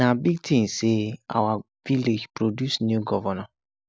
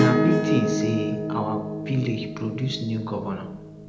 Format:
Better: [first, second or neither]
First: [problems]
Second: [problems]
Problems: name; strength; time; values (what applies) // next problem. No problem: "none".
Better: first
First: none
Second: background sound (Acoustic guitar / Strum); 1 dB above the speech // room echo; dies away in 0.8 s